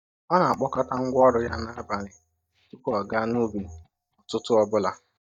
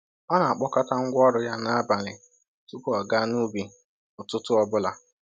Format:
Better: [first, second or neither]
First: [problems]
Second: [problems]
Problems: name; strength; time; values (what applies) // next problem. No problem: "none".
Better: second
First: noise reduction (neural mask model DeepFilterNet 3)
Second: none